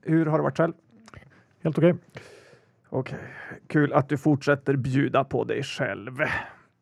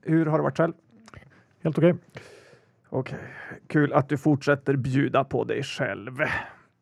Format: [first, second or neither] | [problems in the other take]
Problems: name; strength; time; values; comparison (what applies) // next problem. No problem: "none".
neither | muffled; slightly; fading above 2.5 kHz; the same in both